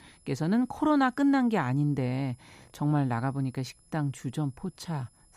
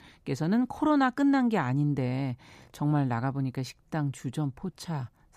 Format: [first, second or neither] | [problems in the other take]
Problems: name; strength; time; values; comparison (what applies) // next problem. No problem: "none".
second | high-pitched whine; faint; throughout; 11 kHz, 35 dB below the speech